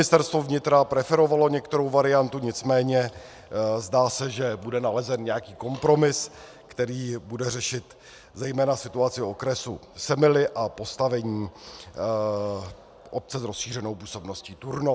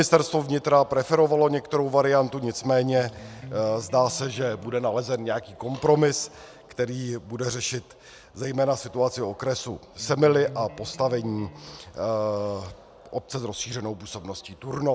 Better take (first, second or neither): first